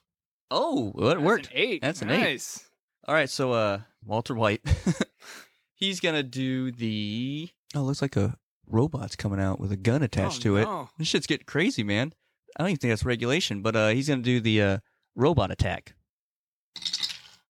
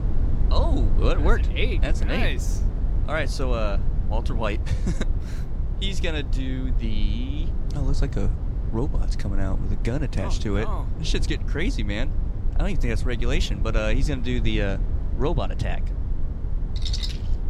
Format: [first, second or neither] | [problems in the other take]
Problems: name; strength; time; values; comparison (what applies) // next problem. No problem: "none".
first | low rumble; noticeable; throughout; 10 dB below the speech